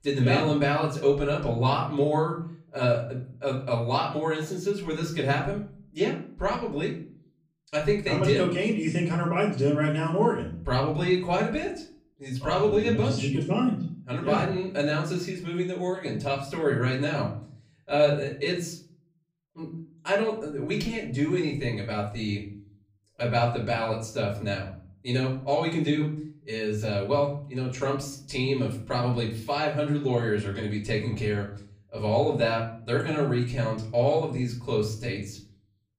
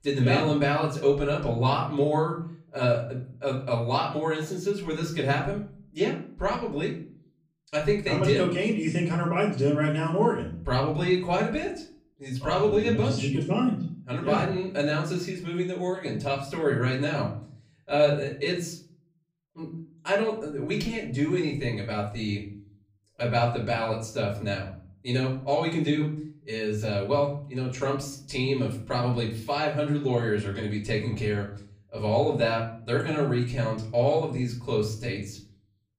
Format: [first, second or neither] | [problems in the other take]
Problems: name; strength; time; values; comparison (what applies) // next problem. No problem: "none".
neither | room echo; slight; dies away in 0.5 s; the same in both // off-mic speech; far; the same in both